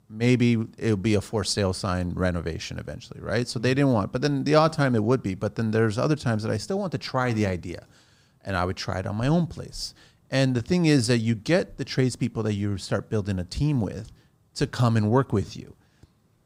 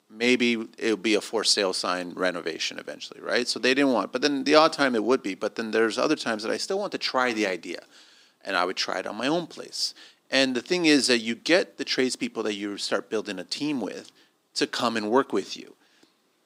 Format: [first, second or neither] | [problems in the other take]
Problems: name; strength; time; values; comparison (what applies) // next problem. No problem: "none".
first | thin; somewhat; fading below 300 Hz